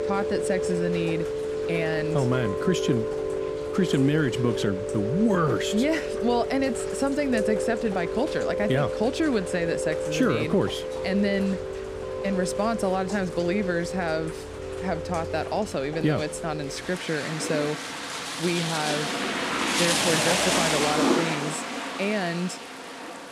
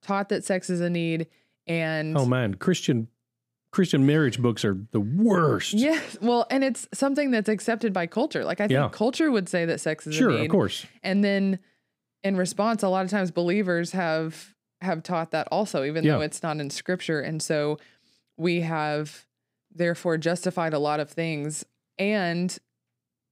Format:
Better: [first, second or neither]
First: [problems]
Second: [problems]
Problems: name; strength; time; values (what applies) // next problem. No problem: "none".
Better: second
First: rain or running water; loud; throughout; 1 dB below the speech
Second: none